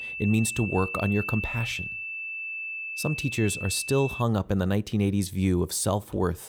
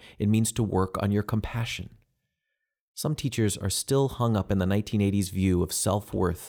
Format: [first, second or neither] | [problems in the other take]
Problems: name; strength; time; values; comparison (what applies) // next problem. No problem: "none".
second | high-pitched whine; loud; until 4 s; 2.5 kHz, 6 dB below the speech